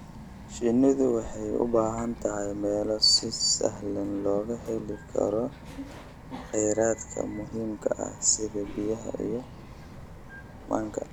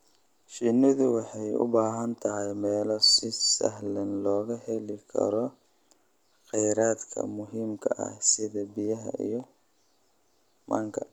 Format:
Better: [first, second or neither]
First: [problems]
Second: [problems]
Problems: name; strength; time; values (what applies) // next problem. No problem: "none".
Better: second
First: background sound (Bird vocalization, bird call, bird song); 14 dB below the speech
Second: none